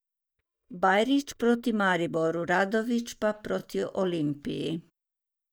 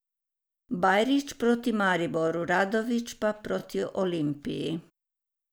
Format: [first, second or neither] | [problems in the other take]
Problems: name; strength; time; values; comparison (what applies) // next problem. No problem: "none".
second | noise reduction (neural mask model DeepFilterNet 3)